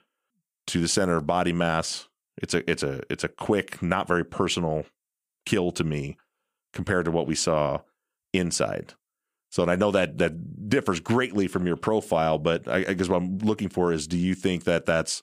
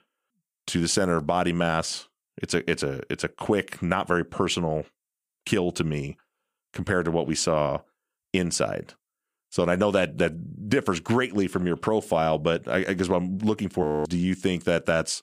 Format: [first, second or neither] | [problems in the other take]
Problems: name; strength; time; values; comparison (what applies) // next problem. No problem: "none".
first | audio freezing; at 14 s